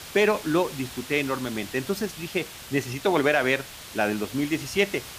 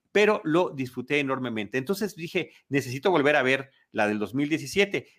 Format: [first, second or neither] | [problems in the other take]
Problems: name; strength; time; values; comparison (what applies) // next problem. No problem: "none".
second | hiss; noticeable; throughout; 15 dB below the speech